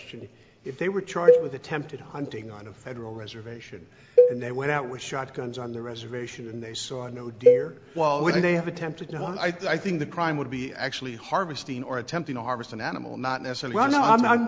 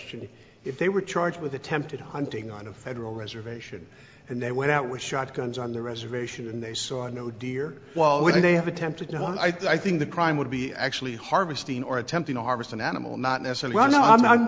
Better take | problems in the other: second | background sound (Cowbell); 3 dB above the speech

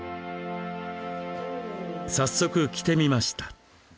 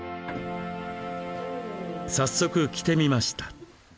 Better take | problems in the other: first | background sound (Printer); 19 dB below the speech

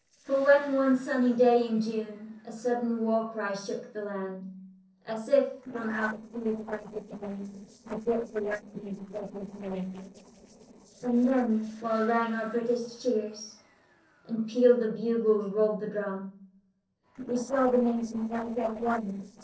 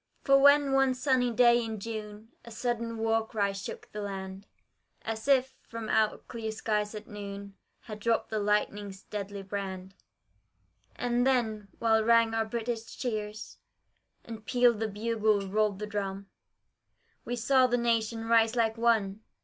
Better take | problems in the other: second | noise reduction (neural separator model SepFormer DNS4)

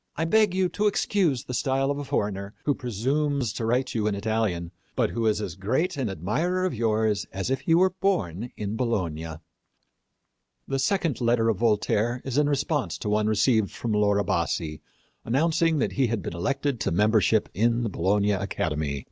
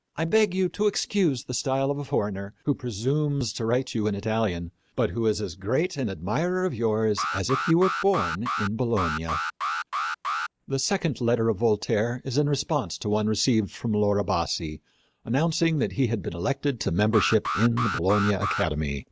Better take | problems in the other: first | noise reduction (neural mask model Resemble Enhance denoiser)

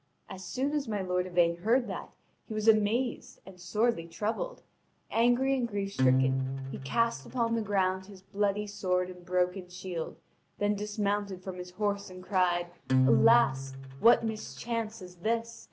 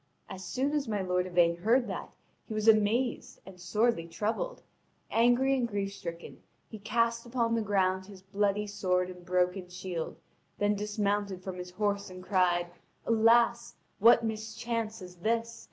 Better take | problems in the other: second | background sound (Acoustic guitar); 2 dB below the speech

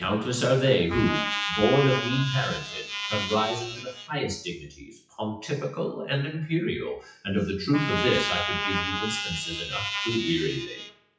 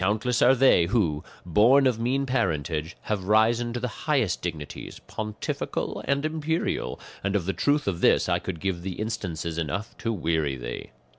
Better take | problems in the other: second | noise reduction (classical method WPE with log-MMSE)

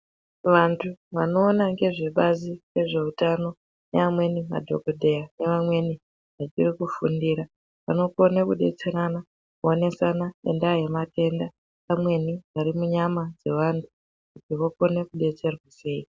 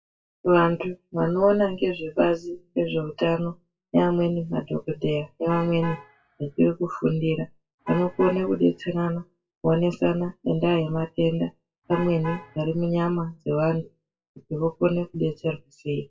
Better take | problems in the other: first | noise reduction (classical method WPE with log-MMSE)

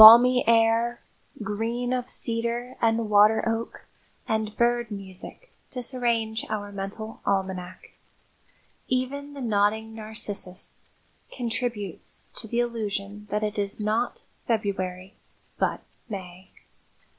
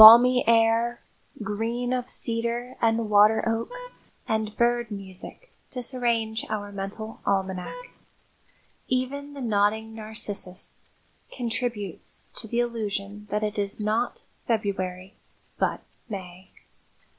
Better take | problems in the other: first | background sound (Vehicle horn, car horn, honking); 17 dB below the speech

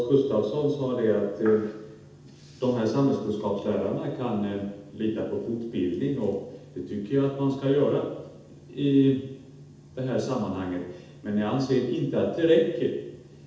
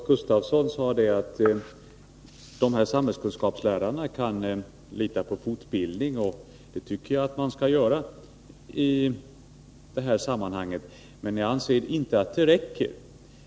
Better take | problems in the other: second | room echo; dies away in 0.8 s

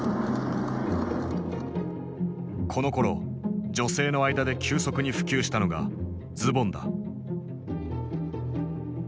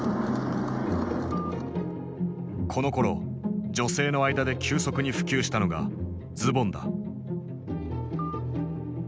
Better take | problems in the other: first | background sound (Telephone); 16 dB below the speech

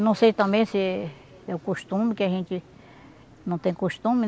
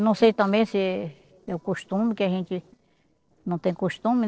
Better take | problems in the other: first | noise reduction (neural separator model SepFormer DNS4)

